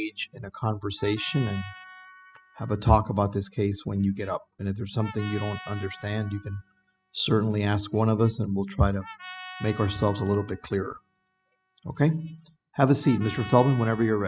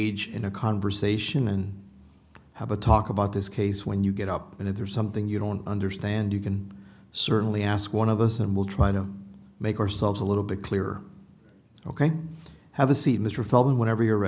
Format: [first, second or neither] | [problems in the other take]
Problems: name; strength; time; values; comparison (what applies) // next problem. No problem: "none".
second | noise reduction (classical method spectral subtraction)